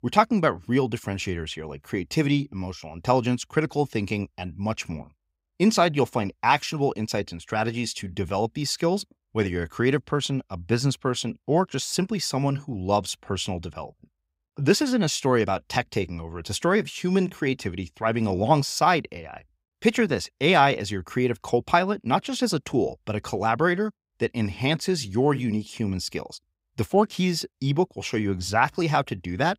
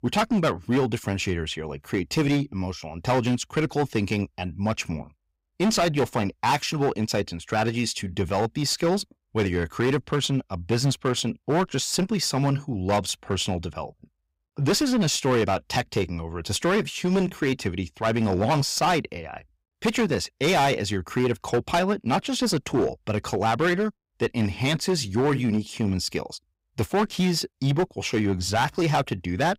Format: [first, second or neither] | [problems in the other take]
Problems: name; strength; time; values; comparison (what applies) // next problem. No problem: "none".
first | distortion; heavy; 10% of the sound clipped